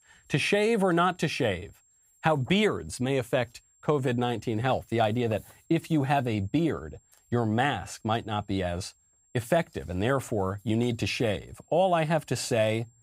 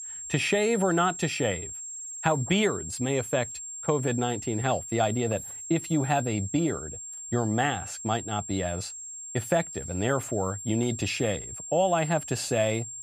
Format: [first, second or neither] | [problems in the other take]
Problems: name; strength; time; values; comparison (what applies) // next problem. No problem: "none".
first | high-pitched whine; loud; throughout; 7.5 kHz, 8 dB below the speech; faint in the first